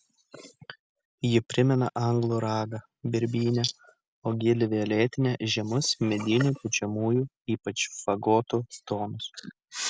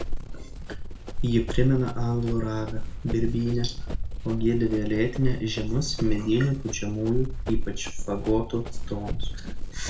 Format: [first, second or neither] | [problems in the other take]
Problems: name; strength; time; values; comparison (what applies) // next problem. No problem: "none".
first | background sound (Run); 1 dB below the speech // room echo; dies away in 0.3 s